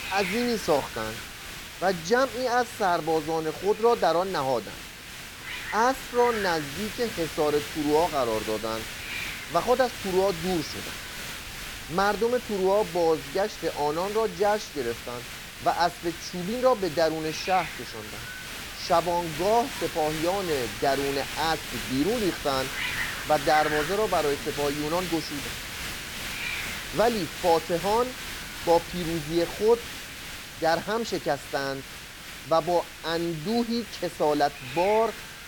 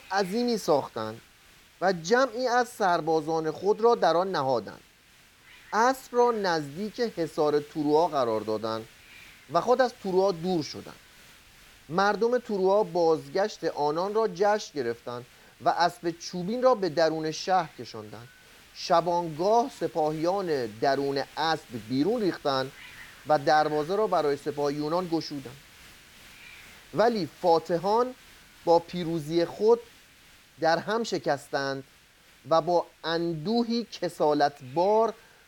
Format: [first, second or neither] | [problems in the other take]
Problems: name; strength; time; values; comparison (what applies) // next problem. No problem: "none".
second | hiss; loud; throughout; 8 dB below the speech; faint in the second